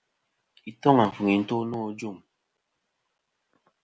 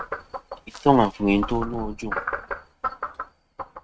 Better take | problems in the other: first | noise reduction (neural mask model RNNoise)

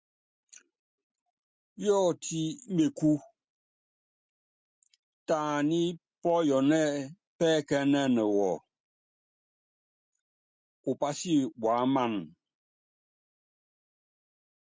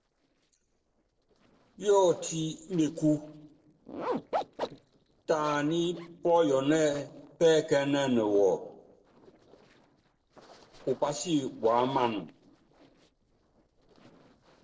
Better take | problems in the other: first | noise reduction (neural separator model SepFormer DNS4)

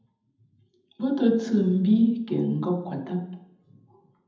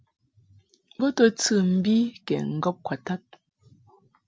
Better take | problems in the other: second | room echo; dies away in 0.8 s

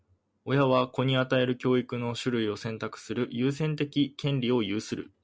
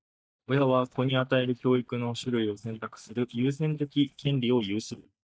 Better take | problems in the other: first | noise reduction (neural mask model DeepFilterNet 3)

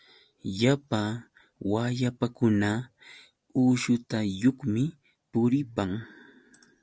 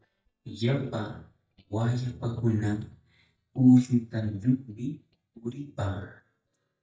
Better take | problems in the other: first | noise reduction (neural mask model DeepFilterNet 3)

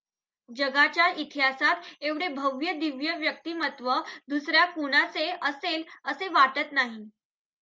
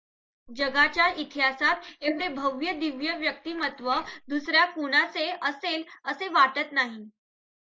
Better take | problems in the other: first | noise reduction (neural mask model Resemble Enhance denoiser)

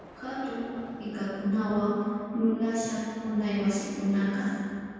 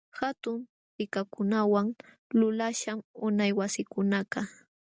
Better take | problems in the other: second | background sound (Thunder); 20 dB below the speech // room echo; dies away in 2.1 s

